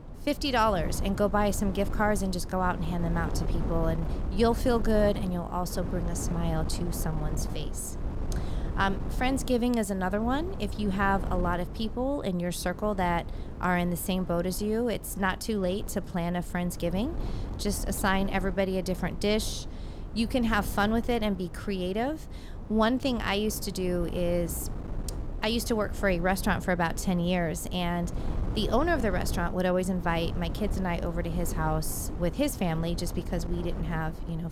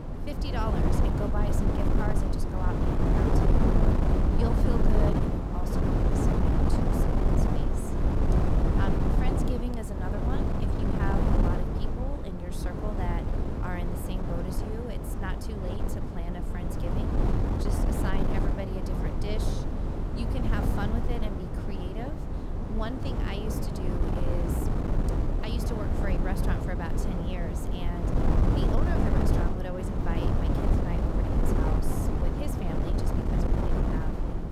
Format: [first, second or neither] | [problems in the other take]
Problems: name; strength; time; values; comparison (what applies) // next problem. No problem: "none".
first | wind noise on the microphone; heavy; 5 dB above the speech; occasional gusts in the first